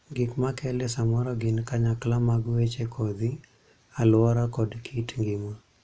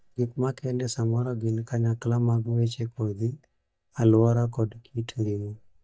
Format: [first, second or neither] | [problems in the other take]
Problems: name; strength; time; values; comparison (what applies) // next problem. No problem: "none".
first | noise reduction (neural mask model DeepFilterNet 3)